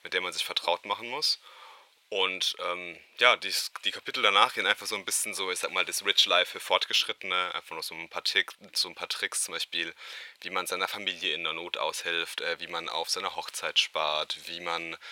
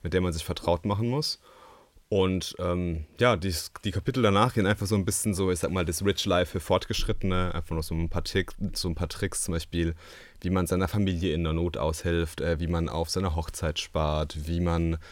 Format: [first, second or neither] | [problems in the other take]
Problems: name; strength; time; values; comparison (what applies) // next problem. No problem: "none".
second | thin; very; fading below 800 Hz